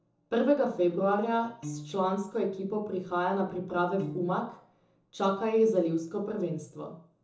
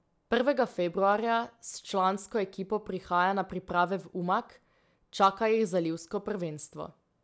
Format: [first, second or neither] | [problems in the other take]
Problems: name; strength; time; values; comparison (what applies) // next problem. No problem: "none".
second | background sound (Piano); 13 dB below the speech // room echo; dies away in 0.6 s